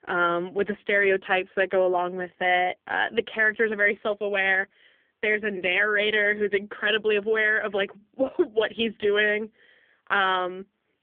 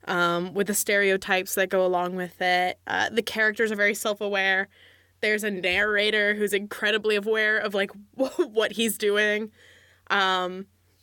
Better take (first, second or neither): second